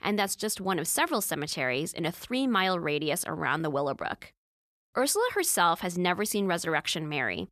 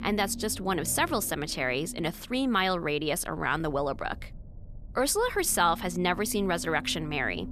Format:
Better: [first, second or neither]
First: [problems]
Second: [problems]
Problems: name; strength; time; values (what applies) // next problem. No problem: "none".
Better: first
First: none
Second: low rumble; faint; throughout; 20 dB below the speech